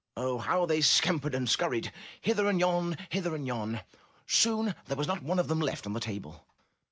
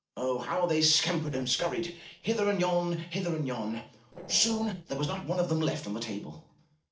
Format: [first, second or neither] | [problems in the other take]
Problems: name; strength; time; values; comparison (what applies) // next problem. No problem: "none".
first | noise reduction (neural separator model SepFormer DNS4)